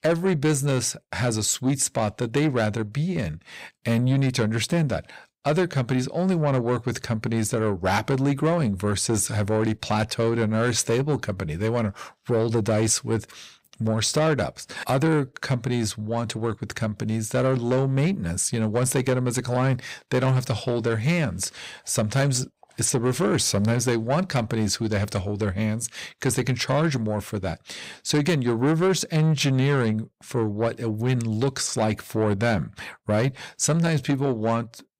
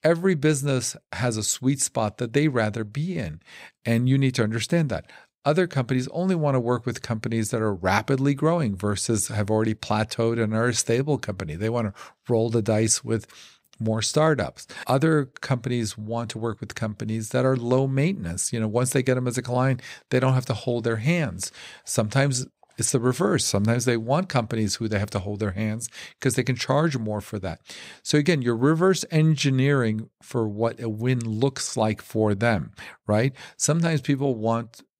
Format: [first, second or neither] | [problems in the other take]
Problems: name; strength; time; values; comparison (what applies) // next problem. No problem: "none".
second | distortion; slight; 10 dB below the speech